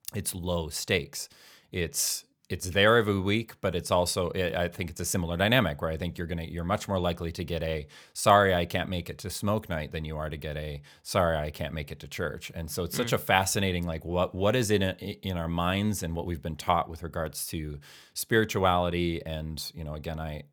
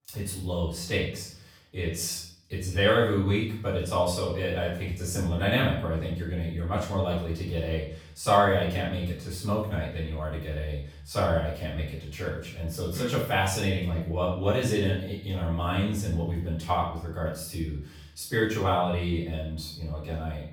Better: first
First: none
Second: off-mic speech; far // room echo; noticeable; dies away in 0.6 s

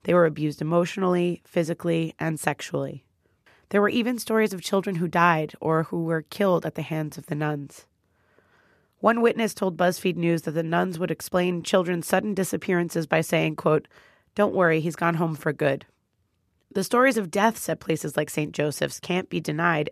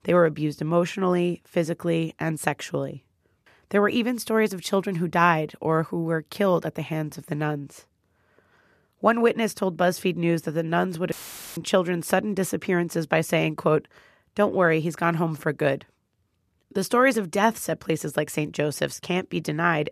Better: first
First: none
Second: audio cutting out; filled with static; at 11 s

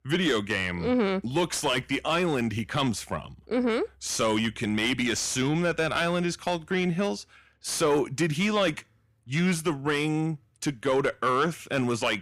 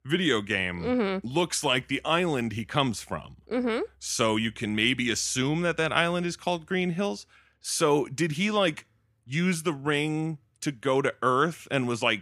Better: second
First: distortion; slight; 10 dB below the speech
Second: none

